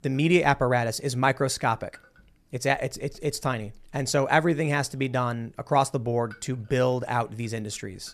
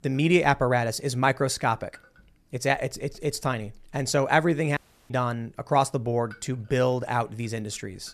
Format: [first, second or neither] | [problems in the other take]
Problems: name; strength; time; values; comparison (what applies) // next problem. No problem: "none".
first | audio cutting out; at 5 s